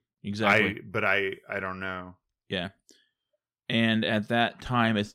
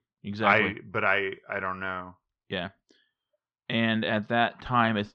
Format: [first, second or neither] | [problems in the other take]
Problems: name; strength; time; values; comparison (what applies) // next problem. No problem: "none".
first | muffled; very slightly; fading above 4 kHz